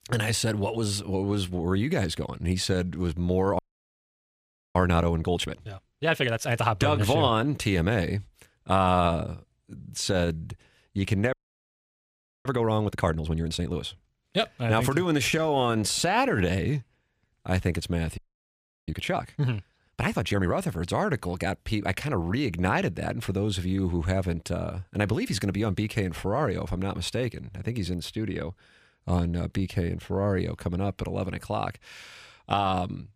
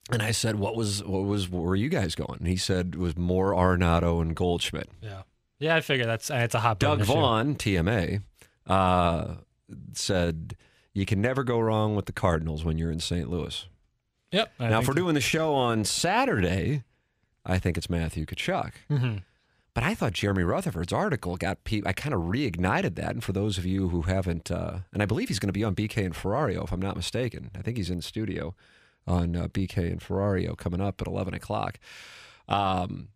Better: second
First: audio freezing; at 3.5 s for 1 s, at 11 s for 1 s and at 18 s for 0.5 s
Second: none

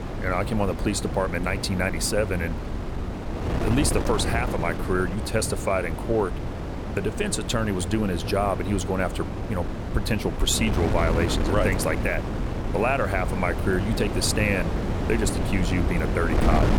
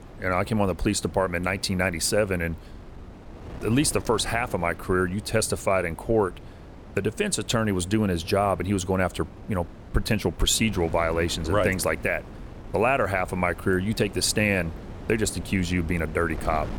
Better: second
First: wind noise on the microphone; heavy; 6 dB below the speech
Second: wind noise on the microphone; occasional gusts; 20 dB below the speech

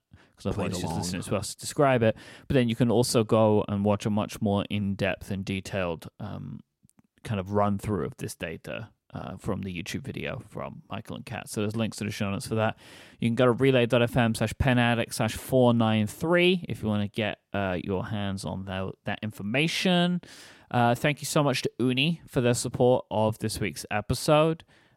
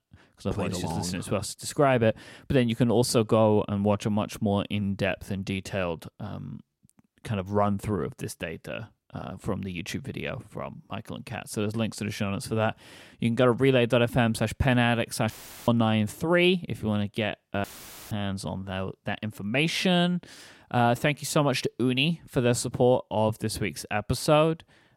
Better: first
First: none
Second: audio cutting out; filled with static; at 15 s and at 18 s

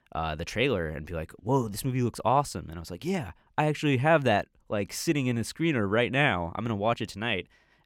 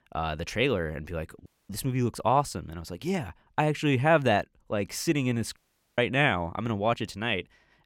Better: first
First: none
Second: audio cutting out; at 1.5 s and at 5.5 s

